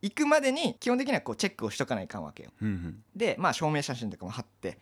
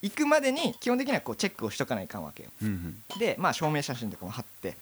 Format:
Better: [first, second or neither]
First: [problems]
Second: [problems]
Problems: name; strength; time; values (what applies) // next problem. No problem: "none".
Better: first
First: none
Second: hiss; noticeable; throughout; 15 dB below the speech